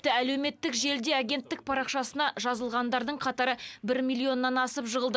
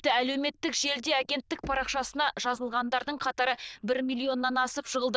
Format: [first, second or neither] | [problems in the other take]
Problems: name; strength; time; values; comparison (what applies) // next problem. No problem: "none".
first | noise reduction (neural diffusion model UNIVERSE++)